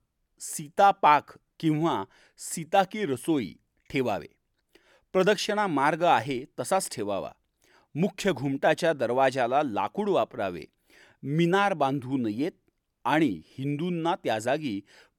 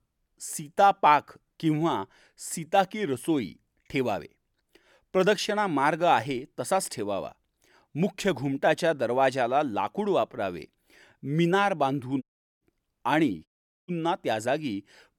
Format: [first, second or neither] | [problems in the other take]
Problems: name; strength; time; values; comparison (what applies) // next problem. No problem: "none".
first | audio cutting out; at 12 s and at 13 s